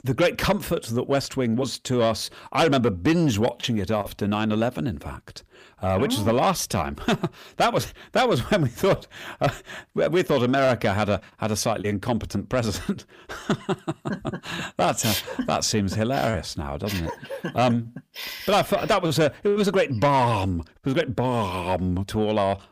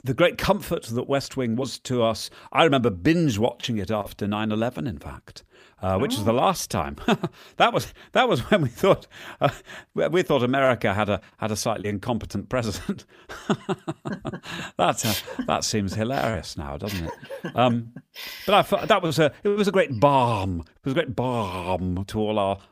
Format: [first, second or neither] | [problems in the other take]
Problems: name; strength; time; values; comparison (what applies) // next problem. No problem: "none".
second | distortion; slight; 10 dB below the speech